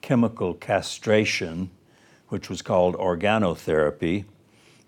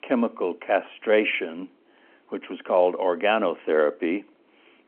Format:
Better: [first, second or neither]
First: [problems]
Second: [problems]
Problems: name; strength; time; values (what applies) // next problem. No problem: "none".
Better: first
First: none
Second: phone-call audio